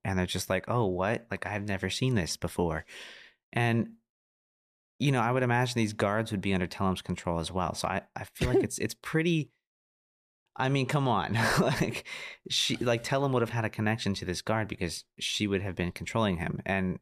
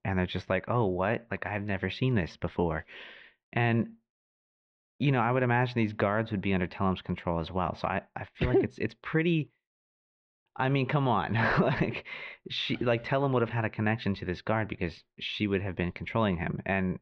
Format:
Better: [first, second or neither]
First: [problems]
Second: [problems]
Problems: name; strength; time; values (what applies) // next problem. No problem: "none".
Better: first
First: none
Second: muffled; slightly; fading above 3 kHz